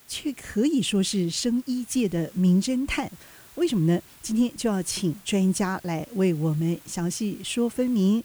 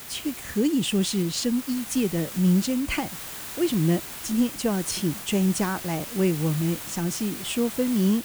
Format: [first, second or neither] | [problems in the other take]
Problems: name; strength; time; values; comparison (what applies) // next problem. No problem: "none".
first | hiss; loud; throughout; 9 dB below the speech; faint in the first